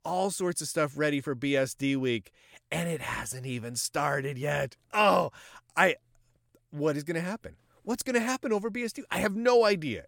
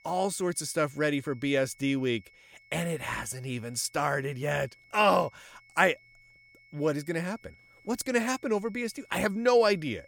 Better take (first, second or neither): first